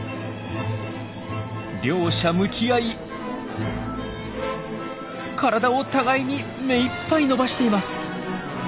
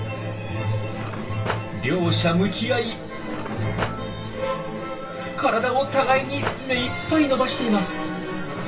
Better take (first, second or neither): first